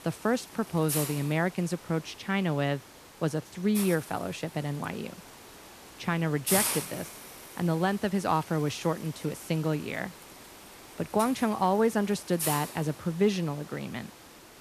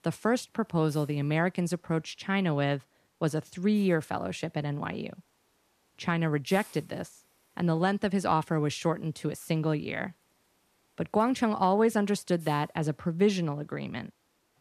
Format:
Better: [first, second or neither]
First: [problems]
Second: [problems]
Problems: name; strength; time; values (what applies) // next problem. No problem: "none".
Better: second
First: hiss; loud; throughout; 8 dB below the speech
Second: hiss; faint; throughout; 30 dB below the speech